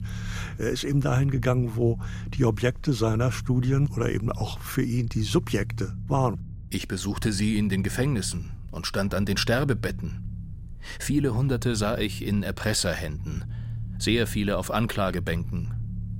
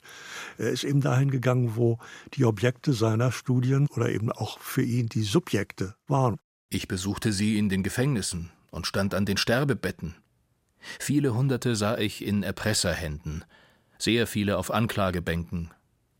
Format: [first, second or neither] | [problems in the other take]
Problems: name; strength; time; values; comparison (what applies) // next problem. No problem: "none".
second | low rumble; faint; throughout; 20 dB below the speech